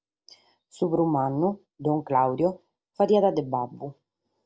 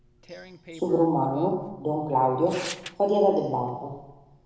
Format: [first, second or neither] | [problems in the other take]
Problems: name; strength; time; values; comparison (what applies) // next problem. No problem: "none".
first | background sound (Tearing); 18 dB below the speech // room echo; dies away in 1 s